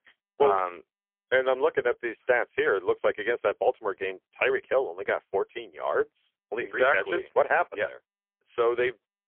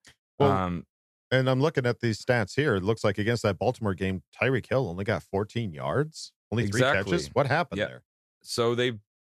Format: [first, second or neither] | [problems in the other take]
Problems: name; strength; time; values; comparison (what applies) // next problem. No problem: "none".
second | phone-call audio; poor line; nothing above 3.5 kHz